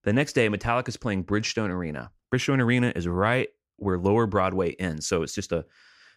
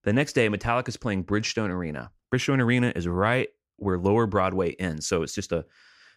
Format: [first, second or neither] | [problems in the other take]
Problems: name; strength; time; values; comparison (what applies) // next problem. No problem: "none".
neither | none